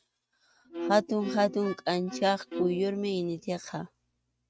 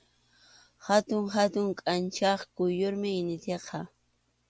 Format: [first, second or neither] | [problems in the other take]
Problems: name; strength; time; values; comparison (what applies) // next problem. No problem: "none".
second | noise reduction (neural mask model RNNoise)